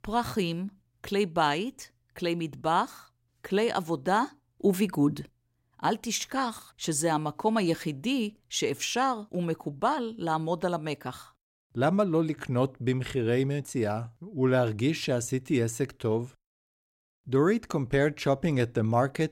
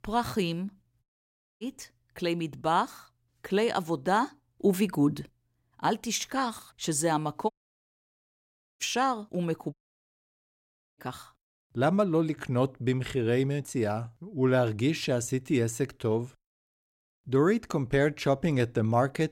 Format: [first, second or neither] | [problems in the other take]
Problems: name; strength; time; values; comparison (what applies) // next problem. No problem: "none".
first | audio cutting out; at 1 s for 0.5 s, at 7.5 s for 1.5 s and at 9.5 s for 1 s